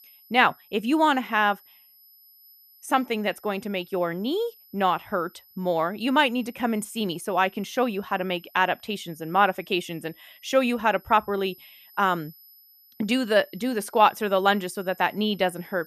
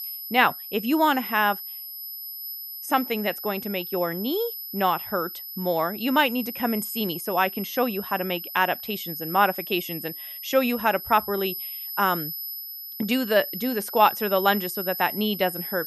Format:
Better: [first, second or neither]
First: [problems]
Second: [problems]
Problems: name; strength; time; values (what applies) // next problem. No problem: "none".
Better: first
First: high-pitched whine; faint; throughout; 12 kHz, 25 dB below the speech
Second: high-pitched whine; loud; throughout; 12 kHz, 8 dB below the speech